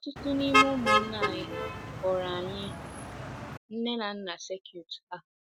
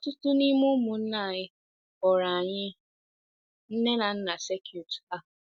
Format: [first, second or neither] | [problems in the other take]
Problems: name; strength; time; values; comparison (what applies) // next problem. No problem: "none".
second | background sound (Motor vehicle (road)); 4 dB above the speech